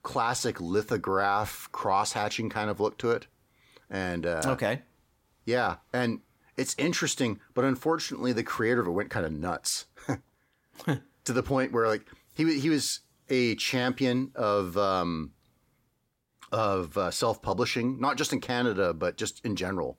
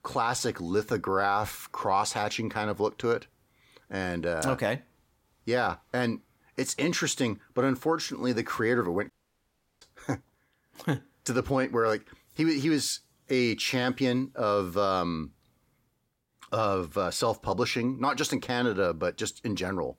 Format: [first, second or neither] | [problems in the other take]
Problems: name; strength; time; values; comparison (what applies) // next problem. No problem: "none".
first | audio cutting out; at 9 s for 0.5 s